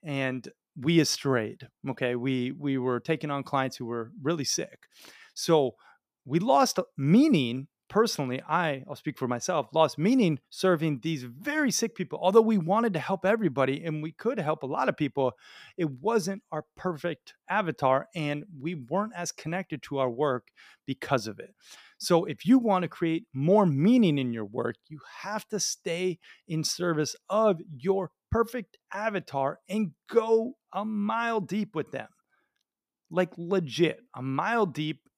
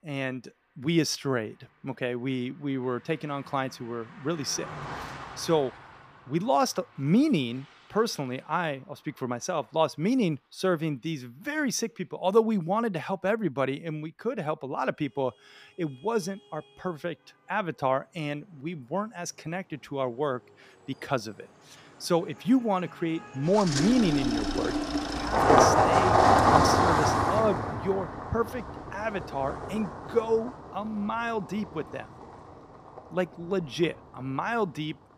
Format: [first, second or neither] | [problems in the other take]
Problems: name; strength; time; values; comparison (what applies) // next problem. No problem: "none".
first | traffic noise; very loud; throughout; 4 dB above the speech